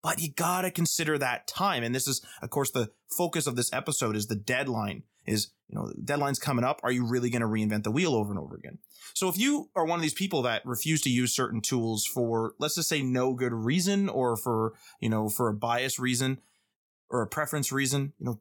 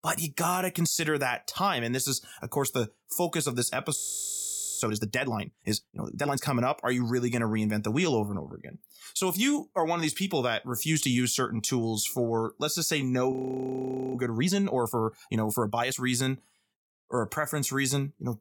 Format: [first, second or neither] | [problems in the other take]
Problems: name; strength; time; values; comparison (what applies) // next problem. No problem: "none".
first | audio freezing; at 4 s for 1 s and at 13 s for 1 s